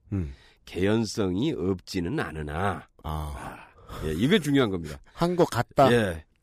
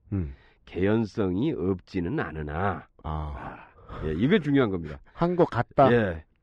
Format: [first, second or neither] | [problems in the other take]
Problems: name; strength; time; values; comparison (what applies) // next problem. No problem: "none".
first | muffled; slightly; fading above 2.5 kHz